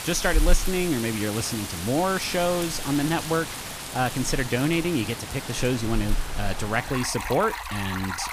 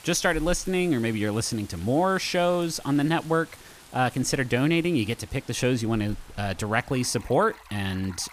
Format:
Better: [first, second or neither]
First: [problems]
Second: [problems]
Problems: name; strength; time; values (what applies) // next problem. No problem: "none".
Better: second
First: rain or running water; loud; throughout; 5 dB below the speech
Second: rain or running water; faint; throughout; 20 dB below the speech